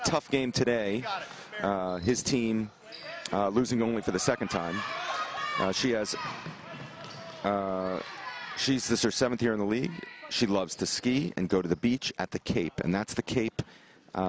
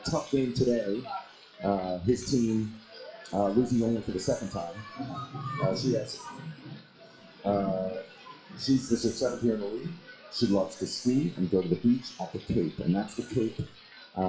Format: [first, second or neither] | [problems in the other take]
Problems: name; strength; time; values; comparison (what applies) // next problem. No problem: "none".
first | noise reduction (classical method WPE with log-MMSE)